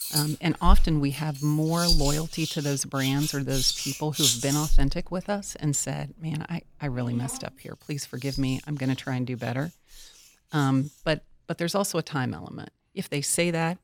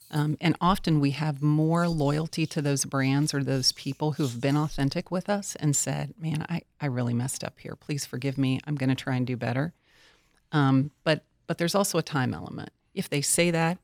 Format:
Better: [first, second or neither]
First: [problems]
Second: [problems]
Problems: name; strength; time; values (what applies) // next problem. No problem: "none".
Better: second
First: household noises; loud; throughout; 1 dB below the speech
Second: household noises; faint; throughout; 25 dB below the speech